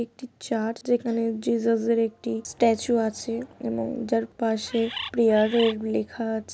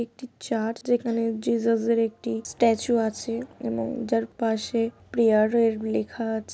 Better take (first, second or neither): second